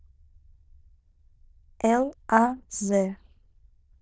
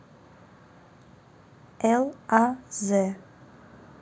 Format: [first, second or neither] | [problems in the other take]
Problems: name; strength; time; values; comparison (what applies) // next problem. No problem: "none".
second | noise reduction (neural diffusion model UNIVERSE++)